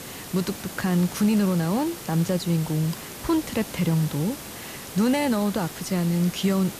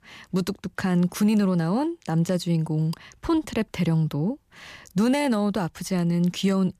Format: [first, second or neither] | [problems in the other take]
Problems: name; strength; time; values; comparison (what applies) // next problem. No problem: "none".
second | hiss; noticeable; throughout; 10 dB below the speech